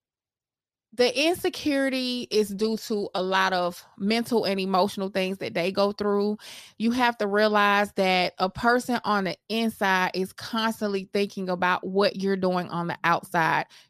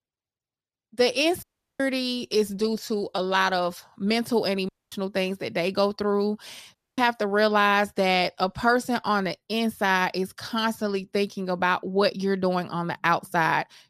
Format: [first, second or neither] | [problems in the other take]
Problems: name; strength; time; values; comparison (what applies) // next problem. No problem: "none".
first | audio cutting out; at 1.5 s, at 4.5 s and at 7 s